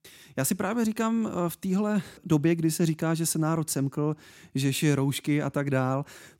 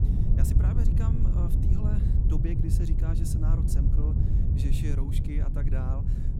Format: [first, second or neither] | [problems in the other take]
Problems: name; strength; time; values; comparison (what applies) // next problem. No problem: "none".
first | wind noise on the microphone; heavy; 2 dB above the speech